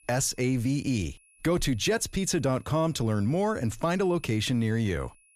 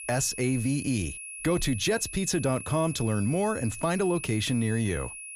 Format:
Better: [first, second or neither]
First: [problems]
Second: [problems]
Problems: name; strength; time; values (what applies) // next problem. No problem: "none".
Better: first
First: high-pitched whine; faint; throughout; 10.5 kHz, 30 dB below the speech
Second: high-pitched whine; loud; throughout; 10.5 kHz, 10 dB below the speech